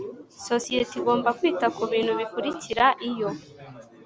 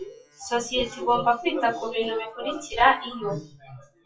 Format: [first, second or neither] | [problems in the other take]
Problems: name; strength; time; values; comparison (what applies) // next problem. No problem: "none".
first | noise reduction (classical method WPE with log-MMSE)